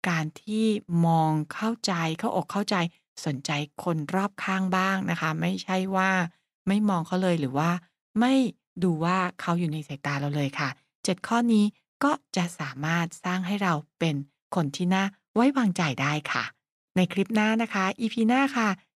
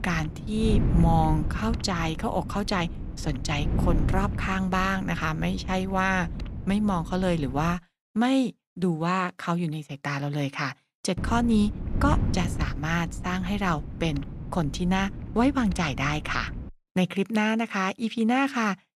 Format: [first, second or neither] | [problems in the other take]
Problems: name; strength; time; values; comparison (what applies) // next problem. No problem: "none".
first | wind noise on the microphone; occasional gusts; until 7.5 s and from 11 to 17 s; 15 dB below the speech